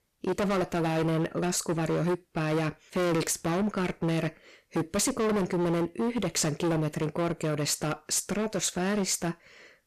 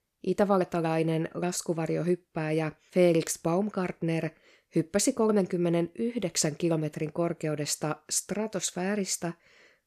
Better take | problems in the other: second | distortion; heavy; 22% of the sound clipped

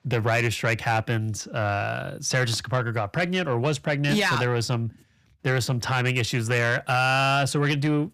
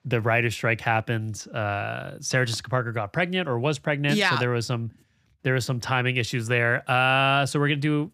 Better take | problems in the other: second | distortion; slight; 10 dB below the speech

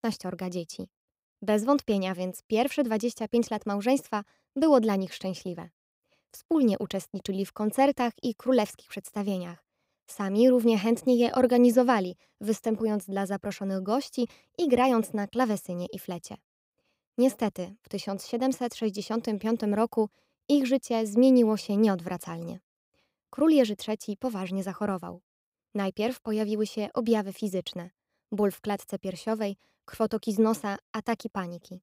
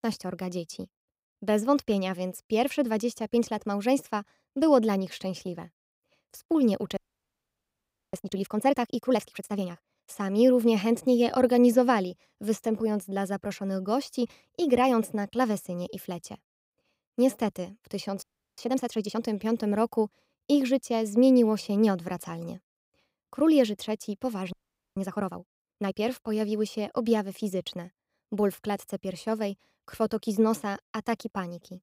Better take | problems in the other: first | audio freezing; at 7 s for 1 s, at 18 s and at 25 s

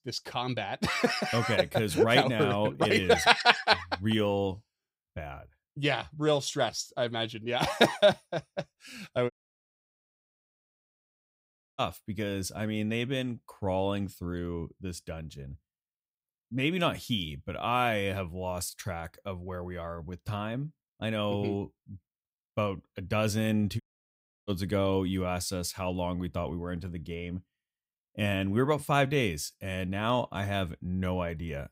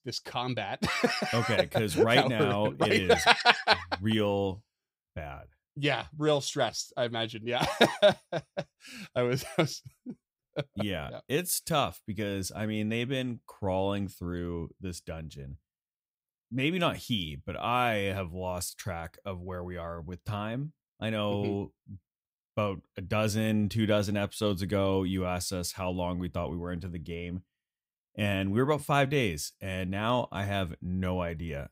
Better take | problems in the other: second | audio cutting out; at 9.5 s for 2.5 s and at 24 s for 0.5 s

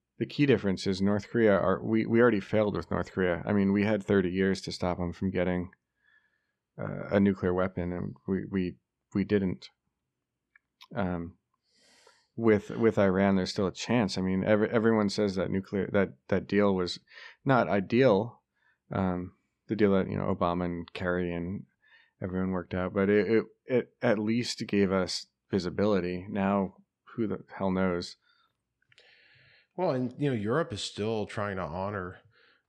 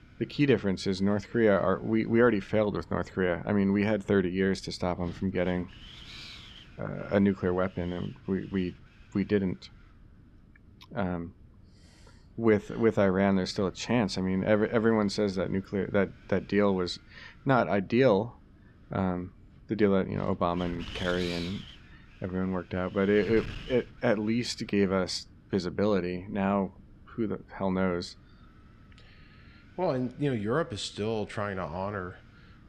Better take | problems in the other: first | wind noise on the microphone; occasional gusts; 20 dB below the speech

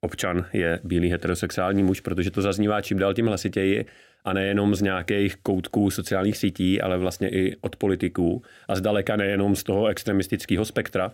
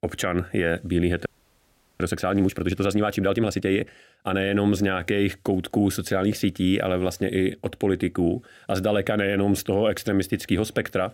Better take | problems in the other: first | audio freezing; at 1.5 s for 0.5 s

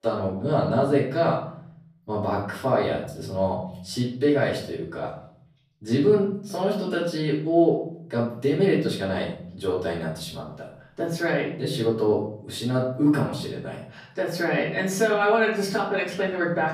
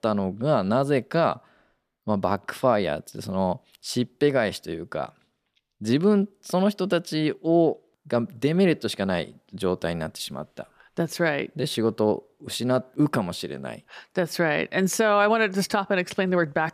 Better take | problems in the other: second | room echo; noticeable; dies away in 0.6 s // off-mic speech; far

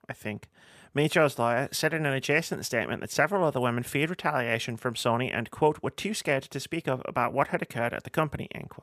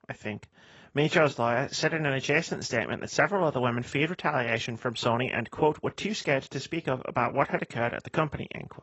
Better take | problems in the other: first | garbled, watery; badly; nothing above 8 kHz

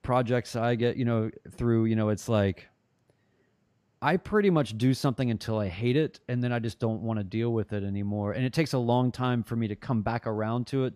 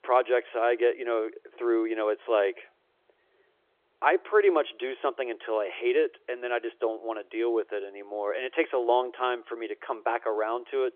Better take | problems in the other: first | phone-call audio; nothing above 3.5 kHz

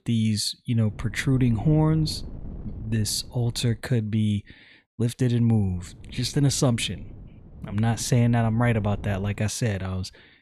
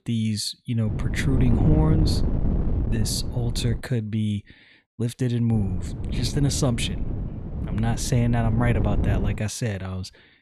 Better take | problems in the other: first | wind noise on the microphone; heavy; from 1 to 4 s and from 5.5 to 9.5 s; 6 dB below the speech; occasional gusts in the first

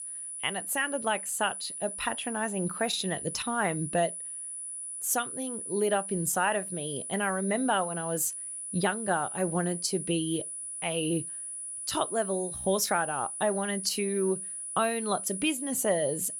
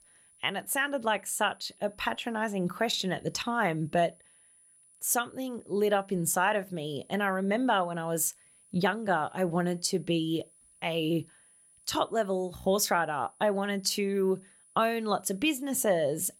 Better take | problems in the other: second | high-pitched whine; loud; throughout; 10 kHz, 5 dB below the speech; faint in the second

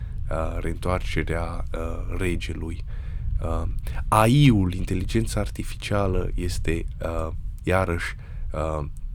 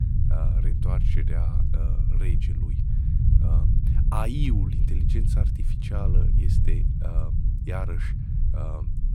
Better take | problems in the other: first | low rumble; loud; throughout; 1 dB below the speech; faint in the first

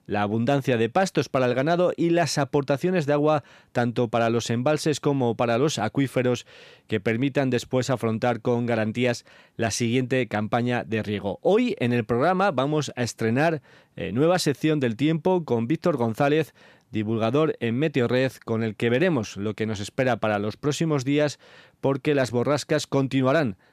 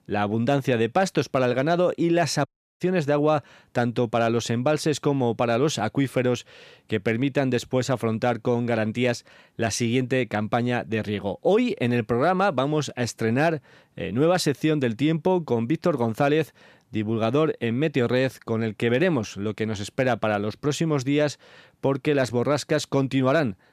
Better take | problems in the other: first | audio cutting out; at 2.5 s

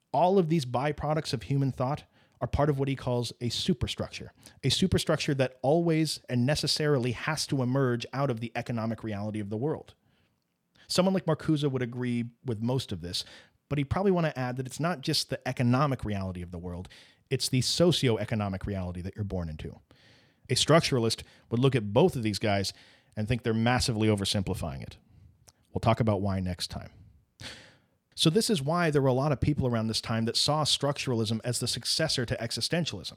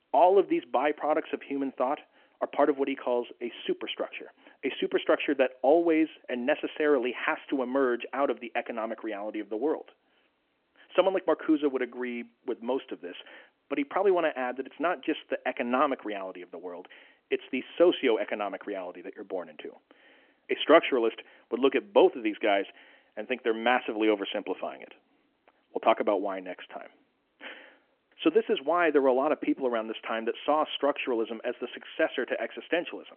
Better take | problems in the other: first | phone-call audio; nothing above 3 kHz

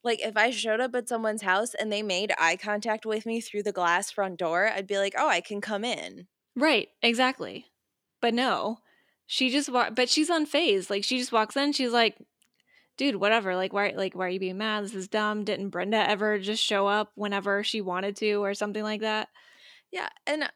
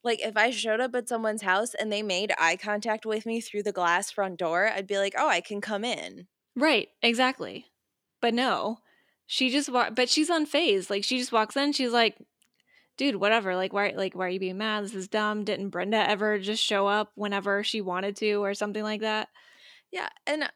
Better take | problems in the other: neither | none

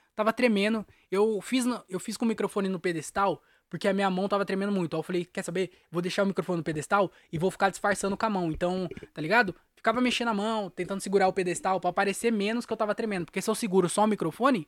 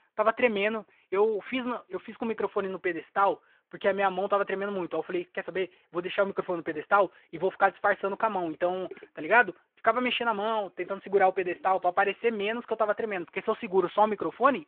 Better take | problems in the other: first | phone-call audio

